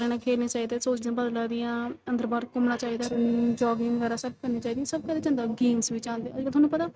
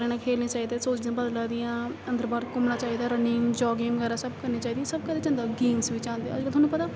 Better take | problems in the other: second | noise reduction (neural mask model RNNoise)

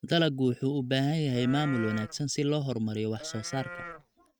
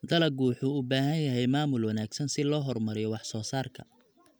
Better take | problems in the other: second | noise reduction (neural mask model RNNoise)

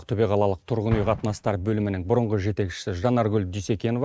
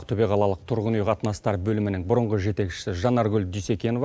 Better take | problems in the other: second | noise reduction (neural mask model RNNoise)

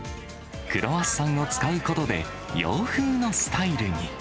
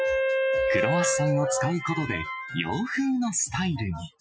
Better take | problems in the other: first | noise reduction (classical method Wiener filter)

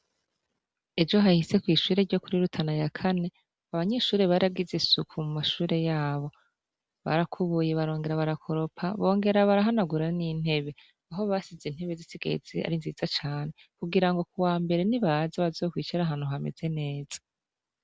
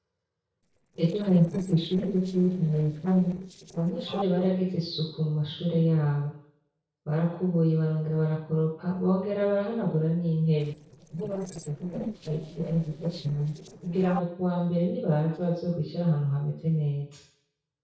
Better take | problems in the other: first | noise reduction (neural separator model SepFormer DNS4)

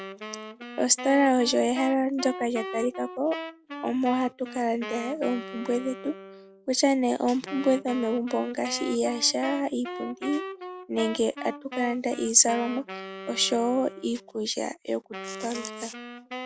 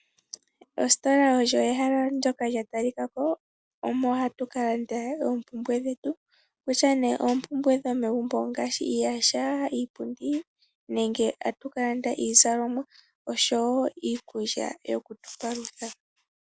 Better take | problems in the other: second | background sound (Wind instrument, woodwind instrument); 12 dB below the speech

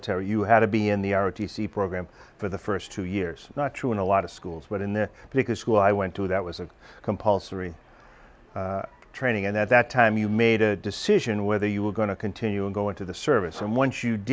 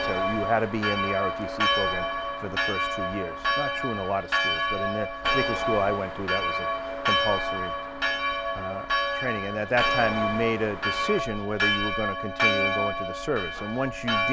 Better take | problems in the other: first | background sound (Church bell); 3 dB above the speech

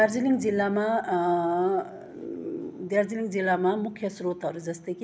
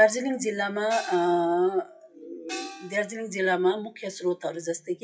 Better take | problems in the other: first | noise reduction (classical method WPE with log-MMSE)

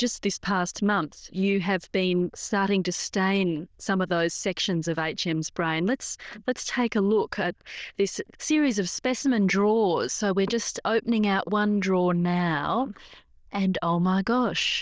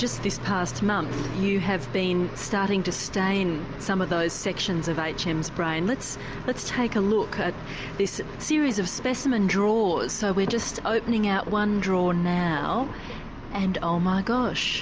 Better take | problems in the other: second | noise reduction (neural diffusion model UNIVERSE++)

